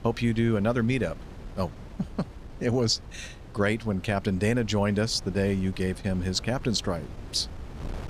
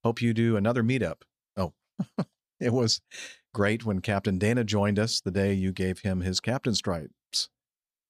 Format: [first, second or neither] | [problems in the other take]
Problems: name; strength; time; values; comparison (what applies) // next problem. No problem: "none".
second | wind noise on the microphone; occasional gusts; 20 dB below the speech